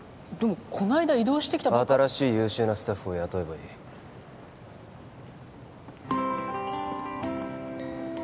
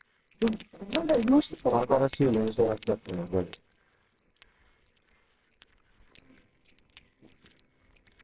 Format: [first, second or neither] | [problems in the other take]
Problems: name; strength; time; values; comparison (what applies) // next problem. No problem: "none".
first | noise reduction (neural separator model SepFormer WHAMR!)